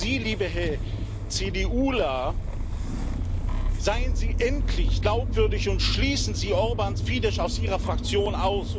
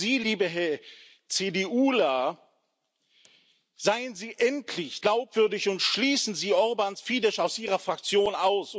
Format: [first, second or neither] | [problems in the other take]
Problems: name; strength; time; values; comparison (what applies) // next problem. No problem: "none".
second | background sound (Engine starting / Motor vehicle (road)); 2 dB above the speech